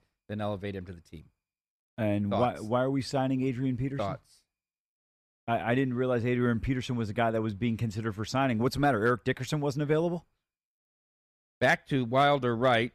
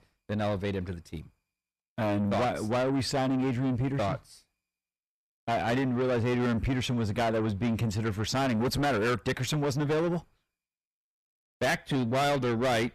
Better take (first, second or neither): first